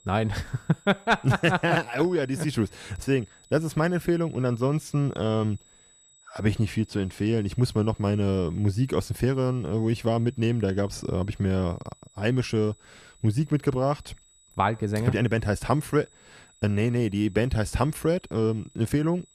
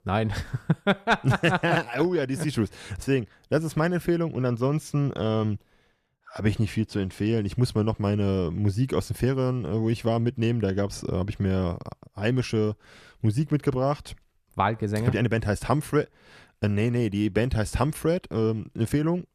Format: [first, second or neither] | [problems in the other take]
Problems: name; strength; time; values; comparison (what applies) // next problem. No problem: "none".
second | high-pitched whine; faint; throughout; 8 kHz, 30 dB below the speech